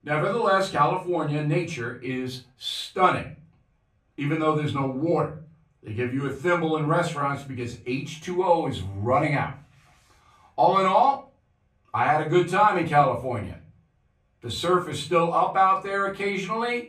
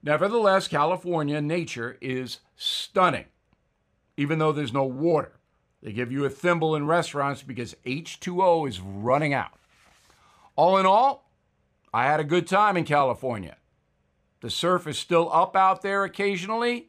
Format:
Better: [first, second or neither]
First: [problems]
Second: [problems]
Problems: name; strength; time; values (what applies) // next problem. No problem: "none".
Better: second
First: room echo; slight; dies away in 0.3 s // off-mic speech; far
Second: none